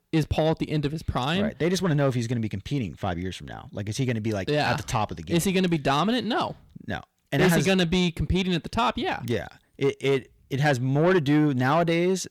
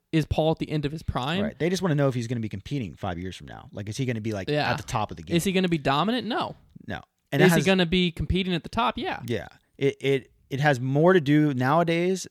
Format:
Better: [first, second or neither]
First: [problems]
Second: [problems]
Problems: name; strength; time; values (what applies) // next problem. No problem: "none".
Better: second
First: distortion; slight; 10 dB below the speech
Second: none